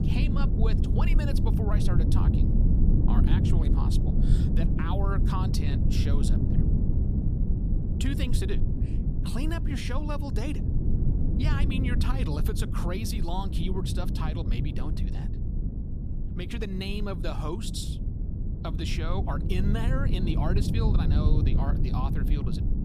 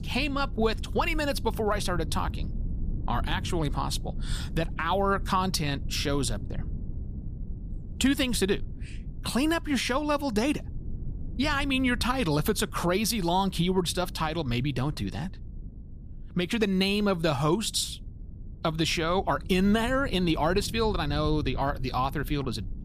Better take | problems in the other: second | low rumble; loud; throughout; 2 dB below the speech; faint in the second

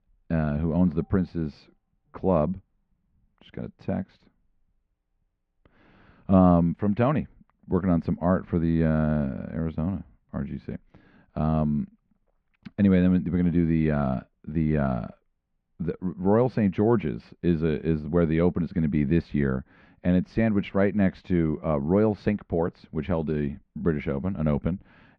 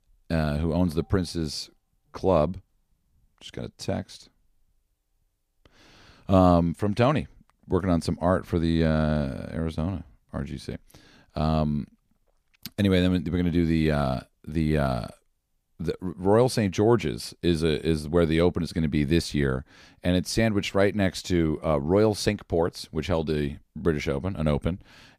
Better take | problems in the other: second | muffled; very; fading above 2.5 kHz

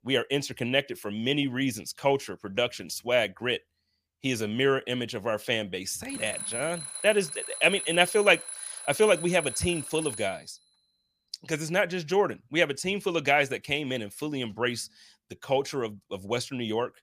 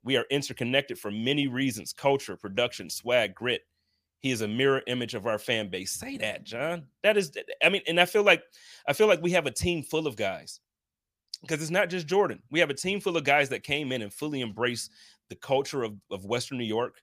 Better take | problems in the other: second | alarm; noticeable; from 6 to 10 s; peak 5 dB below the speech

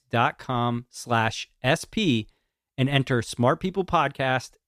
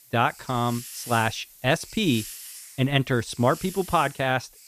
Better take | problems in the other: first | hiss; noticeable; throughout; 15 dB below the speech

